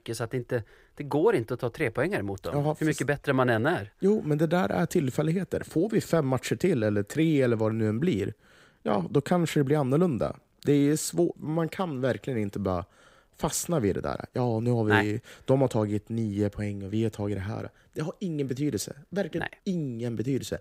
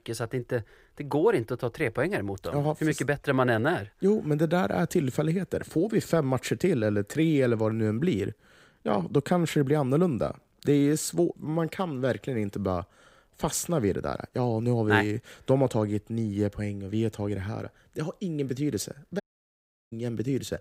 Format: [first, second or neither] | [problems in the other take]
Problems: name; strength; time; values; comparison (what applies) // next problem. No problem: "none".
first | audio cutting out; at 19 s for 0.5 s